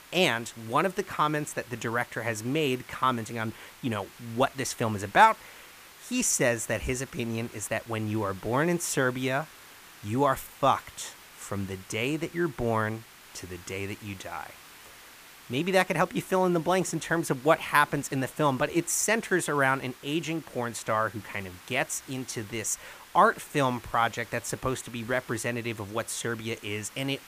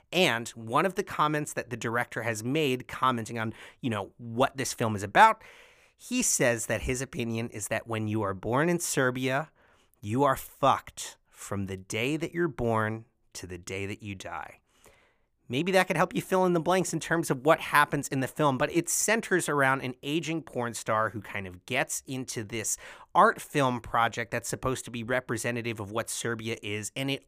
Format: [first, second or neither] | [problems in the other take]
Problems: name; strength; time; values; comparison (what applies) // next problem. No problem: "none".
second | hiss; faint; throughout; 20 dB below the speech